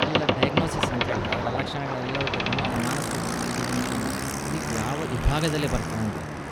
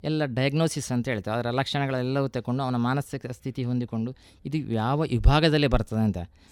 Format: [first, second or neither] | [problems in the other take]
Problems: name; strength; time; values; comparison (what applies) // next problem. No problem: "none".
second | train or aircraft noise; very loud; throughout; 4 dB above the speech